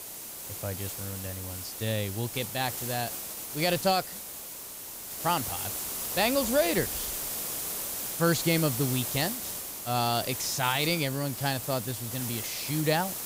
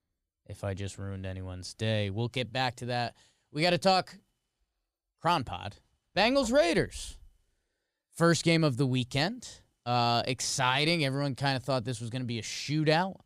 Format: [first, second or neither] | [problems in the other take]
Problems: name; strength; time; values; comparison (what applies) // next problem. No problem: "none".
second | hiss; loud; throughout; 4 dB below the speech